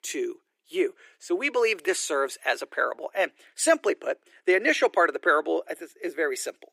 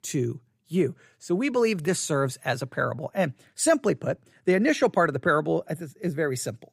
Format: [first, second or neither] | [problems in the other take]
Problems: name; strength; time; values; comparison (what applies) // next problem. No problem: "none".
second | thin; very; fading below 350 Hz